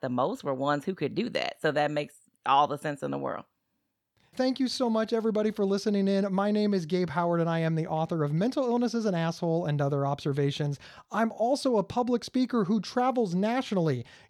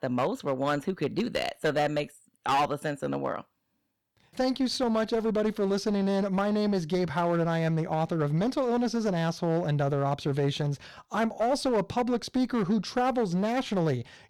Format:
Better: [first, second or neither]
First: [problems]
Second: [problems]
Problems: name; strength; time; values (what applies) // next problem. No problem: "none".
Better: first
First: none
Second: distortion; slight; 11% of the sound clipped